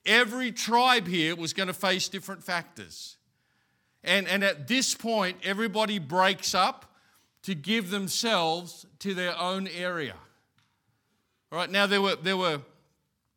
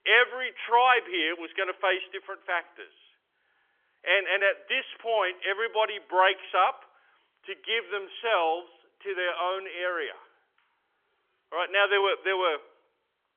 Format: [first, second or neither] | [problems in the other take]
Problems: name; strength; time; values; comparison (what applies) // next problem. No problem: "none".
first | phone-call audio; nothing above 3.5 kHz